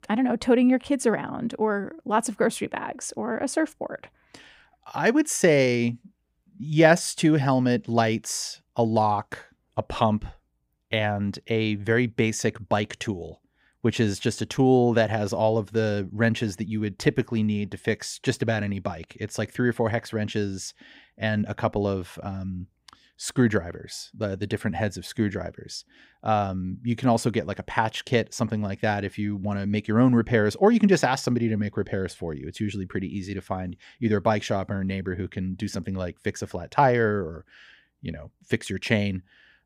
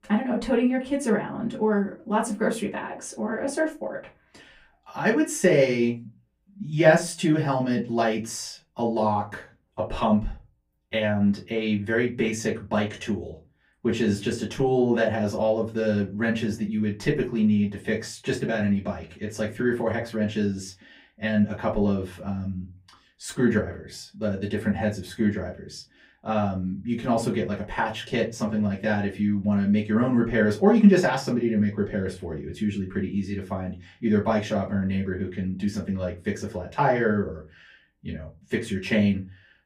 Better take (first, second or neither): first